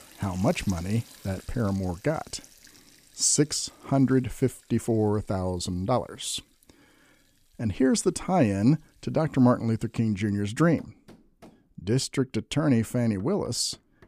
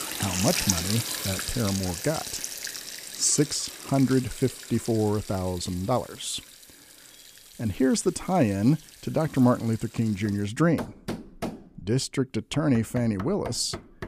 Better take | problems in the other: first | household noises; loud; throughout; 6 dB below the speech; faint in the first

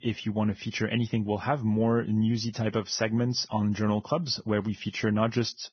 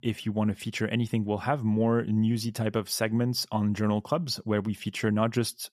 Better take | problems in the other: second | garbled, watery; badly; nothing above 6 kHz

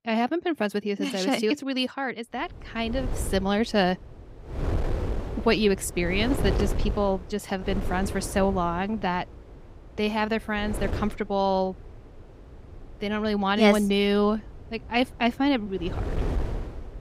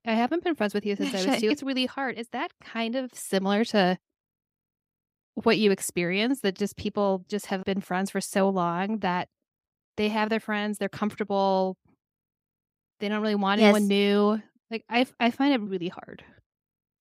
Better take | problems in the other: second | wind noise on the microphone; occasional gusts; from 2.5 s on; 10 dB below the speech

